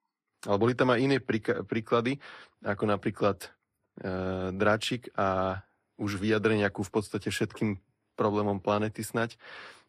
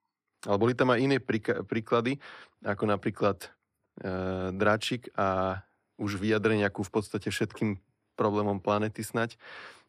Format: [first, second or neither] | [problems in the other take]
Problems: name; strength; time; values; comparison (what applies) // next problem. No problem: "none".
second | garbled, watery; slightly; nothing above 14.5 kHz